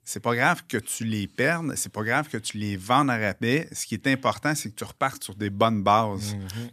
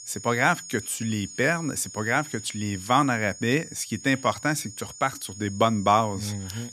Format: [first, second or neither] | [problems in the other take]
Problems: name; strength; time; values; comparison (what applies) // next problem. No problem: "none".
first | high-pitched whine; noticeable; throughout; 7 kHz, 15 dB below the speech